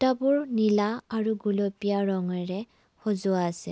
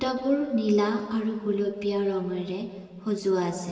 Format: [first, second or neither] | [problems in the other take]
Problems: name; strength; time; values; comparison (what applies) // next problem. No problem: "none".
first | room echo; dies away in 2 s